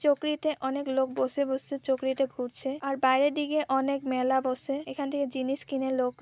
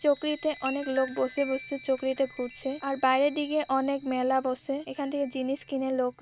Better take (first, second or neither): first